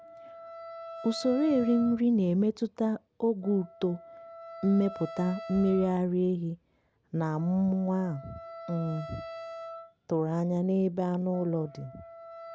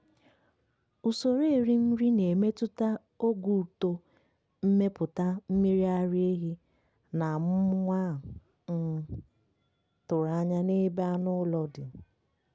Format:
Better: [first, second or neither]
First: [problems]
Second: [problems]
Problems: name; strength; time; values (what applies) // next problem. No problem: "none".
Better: second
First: background sound (Wind instrument, woodwind instrument); 16 dB below the speech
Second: none